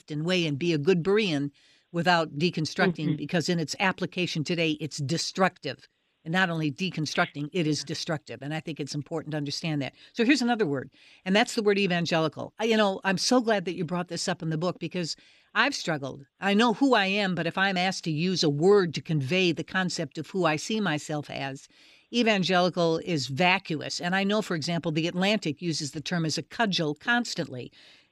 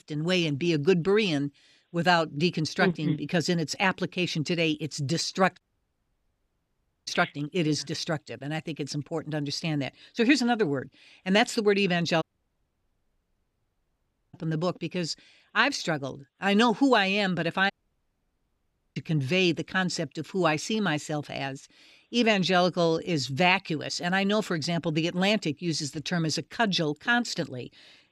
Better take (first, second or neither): first